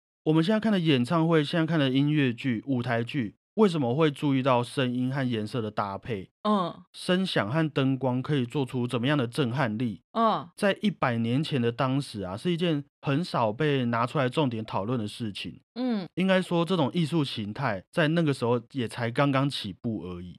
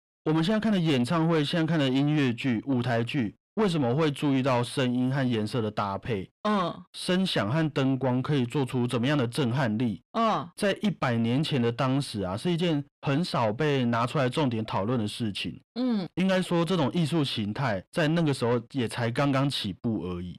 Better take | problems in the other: first | distortion; slight; 10 dB below the speech

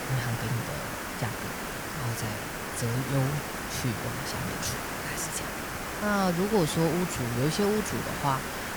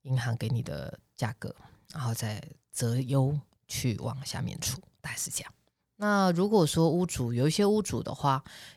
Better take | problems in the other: second | hiss; loud; throughout; 3 dB below the speech

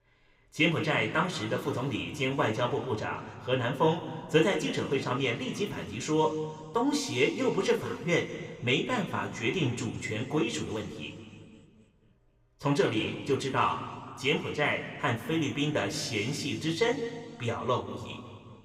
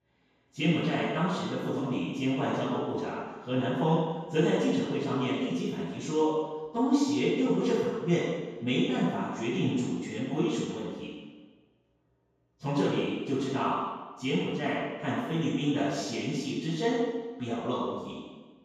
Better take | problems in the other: first | room echo; strong; dies away in 1.2 s; slight in the first // off-mic speech; far

